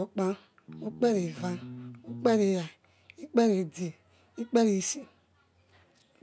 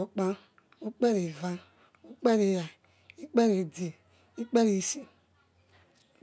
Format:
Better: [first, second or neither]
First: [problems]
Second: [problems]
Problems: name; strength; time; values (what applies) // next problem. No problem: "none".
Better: second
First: background sound (Bass guitar); 13 dB below the speech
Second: none